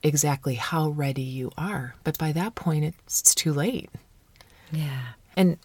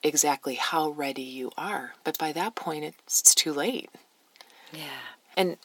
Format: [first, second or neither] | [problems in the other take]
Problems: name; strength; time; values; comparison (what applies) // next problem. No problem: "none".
first | thin; somewhat; fading below 250 Hz